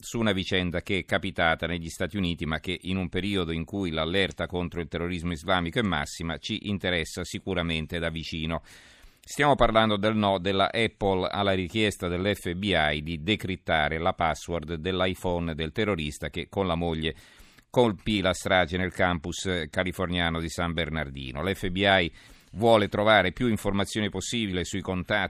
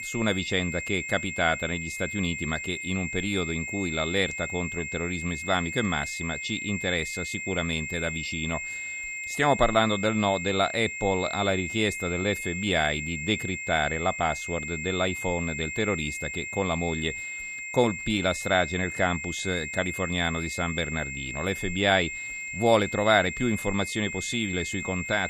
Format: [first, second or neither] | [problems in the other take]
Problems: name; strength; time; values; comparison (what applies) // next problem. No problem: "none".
first | high-pitched whine; loud; throughout; 2 kHz, 5 dB below the speech